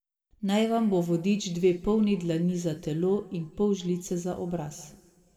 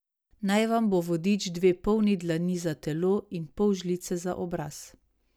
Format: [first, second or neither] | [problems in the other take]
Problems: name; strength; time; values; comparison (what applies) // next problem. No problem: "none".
second | room echo; dies away in 1.6 s